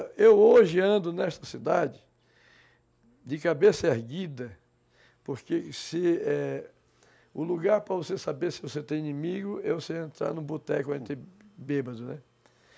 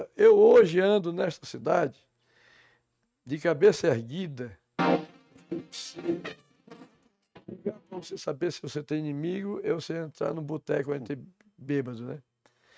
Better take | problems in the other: first | noise reduction (neural mask model RNNoise)

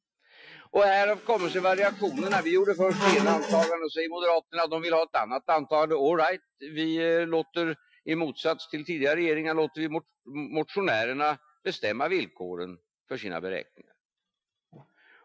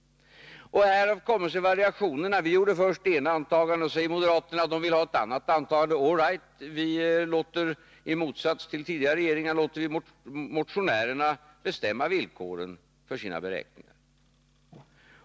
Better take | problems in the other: second | noise reduction (classical method Wiener filter)

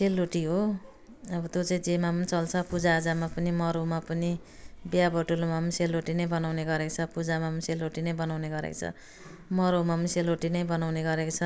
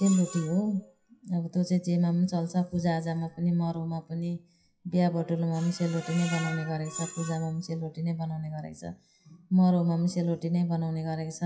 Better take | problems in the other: first | noise reduction (classical method WPE with log-MMSE)

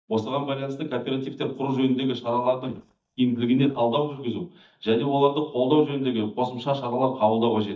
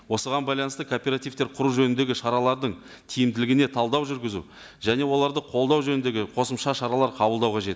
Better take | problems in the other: second | noise reduction (neural mask model DeepFilterNet 3)

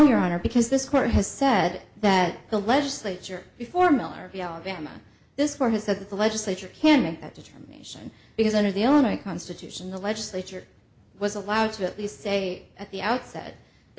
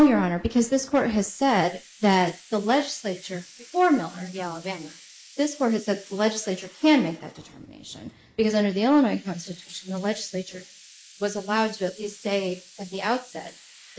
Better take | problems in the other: first | noise reduction (neural mask model Resemble Enhance denoiser)

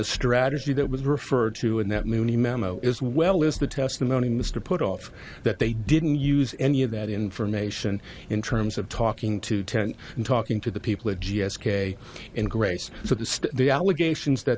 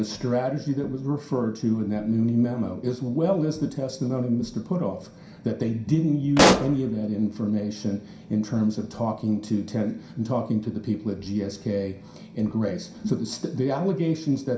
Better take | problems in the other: first | background sound (Explosion); 3 dB above the speech // room echo; dies away in 0.5 s

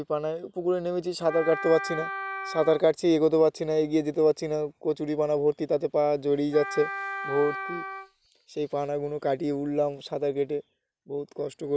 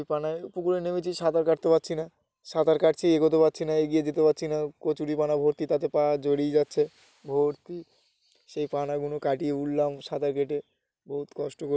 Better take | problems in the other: second | background sound (Wind instrument, woodwind instrument); 8 dB below the speech

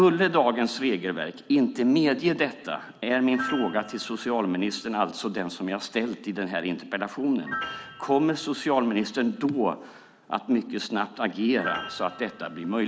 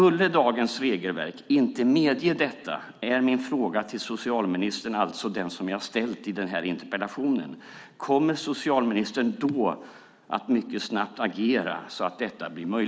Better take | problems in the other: second | background sound (Piano); 16 dB below the speech

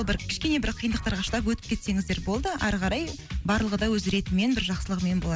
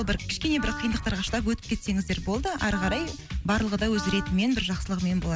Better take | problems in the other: first | background sound (Wind instrument, woodwind instrument); 13 dB below the speech

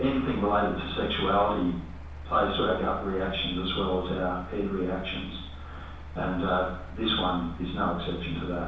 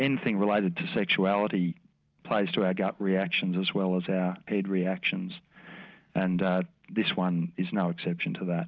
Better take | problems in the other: second | background sound (Mechanical fan); 11 dB below the speech // room echo; dies away in 0.7 s

